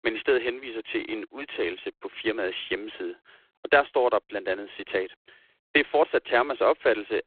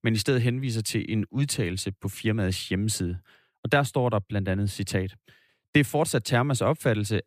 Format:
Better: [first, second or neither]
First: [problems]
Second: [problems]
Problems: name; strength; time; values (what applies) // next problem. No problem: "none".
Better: second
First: phone-call audio; poor line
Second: none